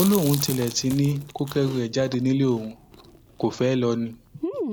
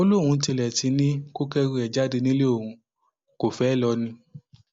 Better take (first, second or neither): second